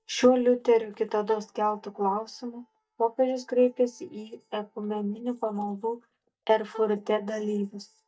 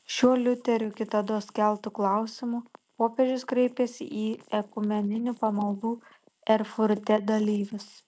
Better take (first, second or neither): second